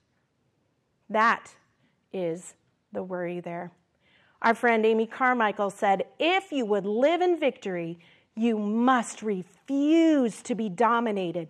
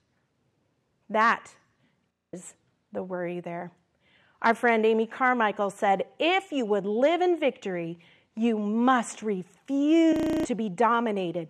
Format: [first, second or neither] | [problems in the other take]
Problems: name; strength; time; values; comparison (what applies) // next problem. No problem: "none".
first | audio freezing; at 2 s and at 10 s